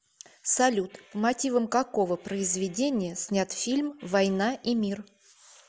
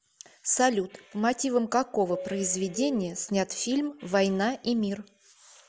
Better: first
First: none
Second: background sound (Doorbell); 14 dB below the speech

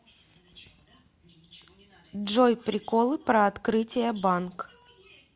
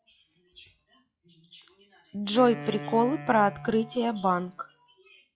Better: first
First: none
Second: noise reduction (classical method log-MMSE)

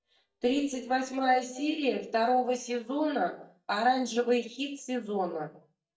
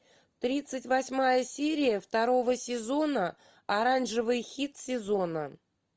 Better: second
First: noise reduction (neural mask model DeepFilterNet 3)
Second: none

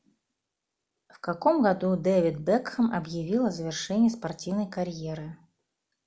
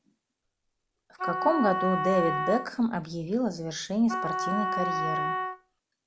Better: first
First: none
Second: background sound (Wind instrument, woodwind instrument); 2 dB below the speech

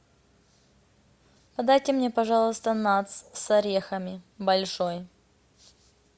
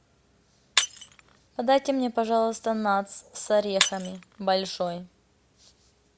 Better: first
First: none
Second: background sound (Shatter); 7 dB below the speech

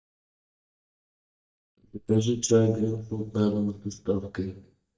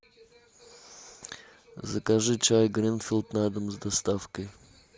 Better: second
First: noise reduction (neural mask model DeepFilterNet 3)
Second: none

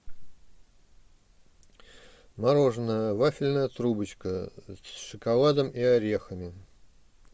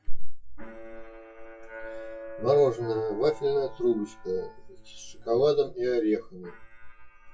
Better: first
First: none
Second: noise reduction (classical method WPE with log-MMSE)

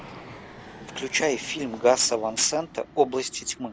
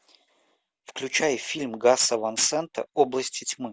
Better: second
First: background sound (Fixed-wing aircraft, airplane); 18 dB below the speech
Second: none

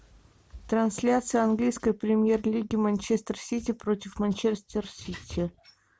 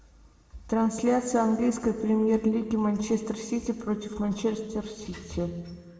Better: first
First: none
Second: room echo; dies away in 1.8 s

